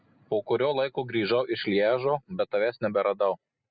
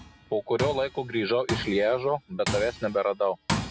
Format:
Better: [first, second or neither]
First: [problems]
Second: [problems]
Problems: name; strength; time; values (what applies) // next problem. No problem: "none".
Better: first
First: none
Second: background sound (Tools); 8 dB below the speech